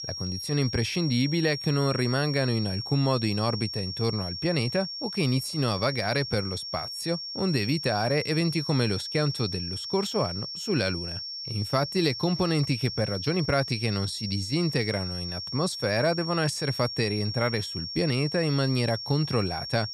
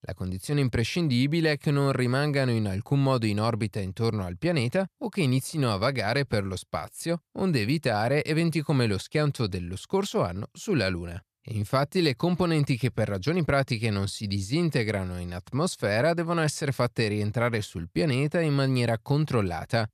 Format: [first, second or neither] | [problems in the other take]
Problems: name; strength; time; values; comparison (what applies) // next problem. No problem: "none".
second | high-pitched whine; loud; throughout; 5.5 kHz, 6 dB below the speech